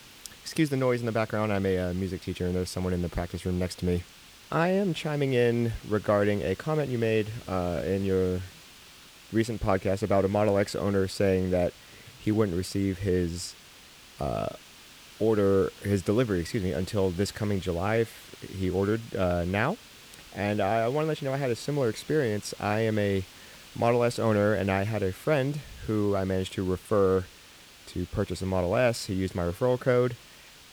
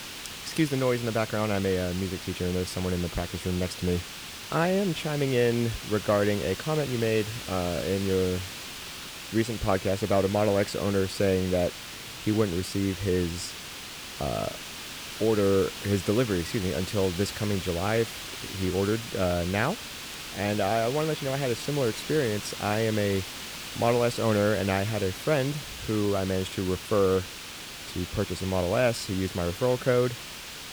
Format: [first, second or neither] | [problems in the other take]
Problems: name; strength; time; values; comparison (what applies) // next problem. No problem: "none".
first | hiss; loud; throughout; 9 dB below the speech; faint in the first